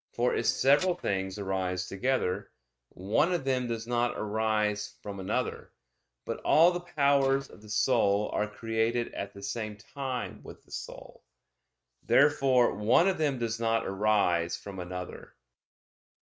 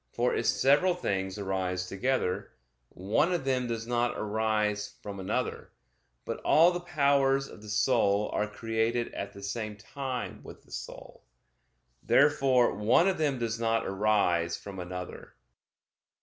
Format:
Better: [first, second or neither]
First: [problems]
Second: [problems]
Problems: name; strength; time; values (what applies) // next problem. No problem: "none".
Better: second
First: noise reduction (neural mask model RNNoise)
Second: none